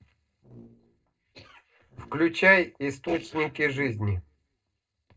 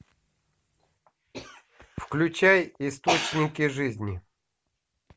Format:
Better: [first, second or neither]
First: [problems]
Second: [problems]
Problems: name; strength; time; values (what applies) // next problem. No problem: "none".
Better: second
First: noise reduction (neural separator model SepFormer DNS4)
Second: none